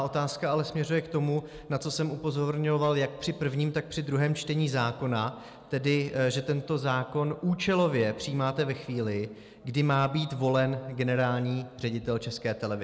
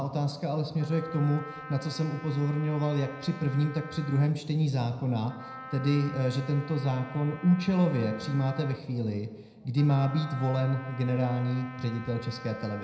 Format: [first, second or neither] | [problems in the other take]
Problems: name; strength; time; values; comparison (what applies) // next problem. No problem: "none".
first | background sound (Wind instrument, woodwind instrument); 17 dB below the speech // room echo; dies away in 0.7 s